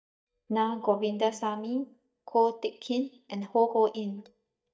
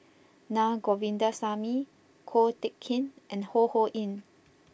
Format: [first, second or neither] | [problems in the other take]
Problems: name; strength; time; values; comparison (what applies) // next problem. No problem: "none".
second | noise reduction (neural mask model DeepFilterNet 3)